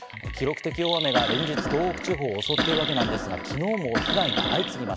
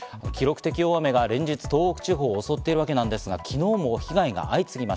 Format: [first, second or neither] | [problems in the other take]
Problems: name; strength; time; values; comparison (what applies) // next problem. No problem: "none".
second | background sound (Cough + Chirp, tweet); 1 dB below the speech